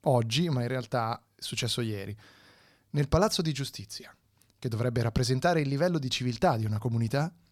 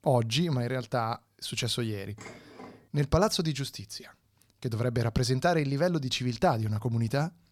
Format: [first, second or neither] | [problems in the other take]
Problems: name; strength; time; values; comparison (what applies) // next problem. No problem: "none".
first | clattering dishes; faint; at 2 s; peak 20 dB below the speech